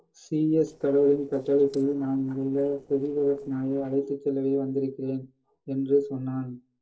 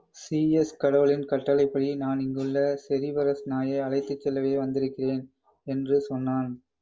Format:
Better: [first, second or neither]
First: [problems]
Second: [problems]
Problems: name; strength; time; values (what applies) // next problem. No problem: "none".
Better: second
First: noise reduction (neural separator model SepFormer DNS4)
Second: none